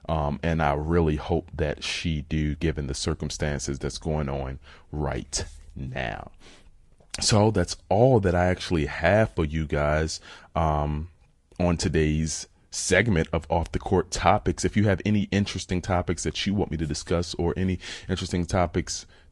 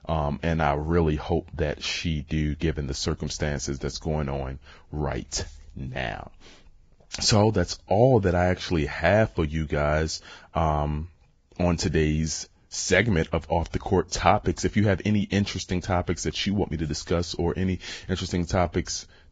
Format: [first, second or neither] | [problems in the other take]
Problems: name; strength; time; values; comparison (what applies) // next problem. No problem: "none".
first | garbled, watery; badly; nothing above 7.5 kHz; slightly in the first